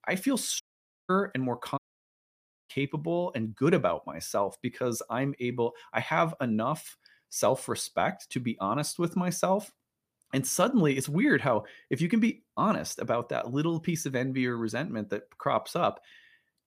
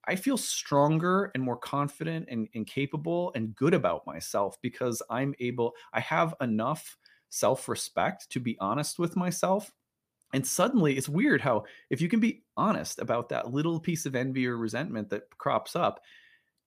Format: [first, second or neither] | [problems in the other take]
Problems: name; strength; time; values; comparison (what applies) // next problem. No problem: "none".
second | audio cutting out; at 0.5 s and at 2 s for 1 s